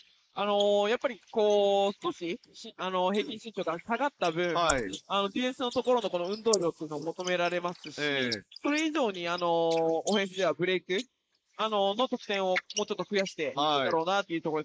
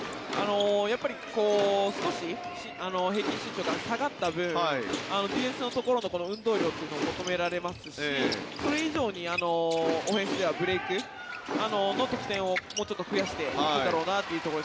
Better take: second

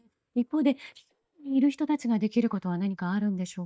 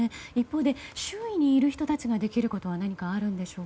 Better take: second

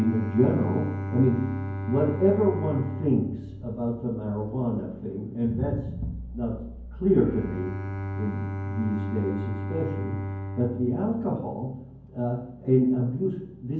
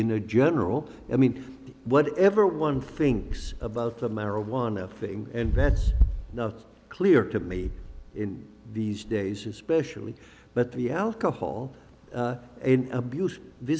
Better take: second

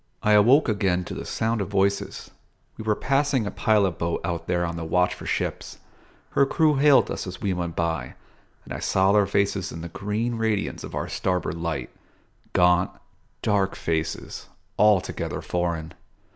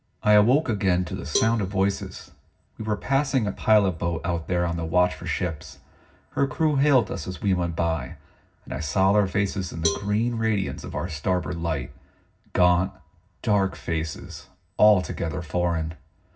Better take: first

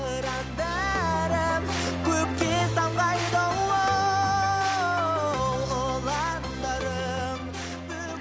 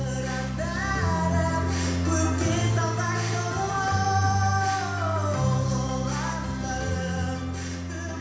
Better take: first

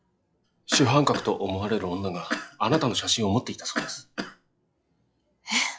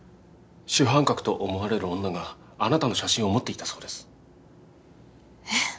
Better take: second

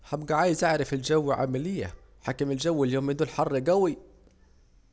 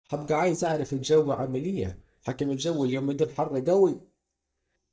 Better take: first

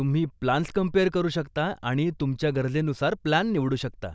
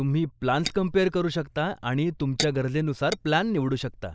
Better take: first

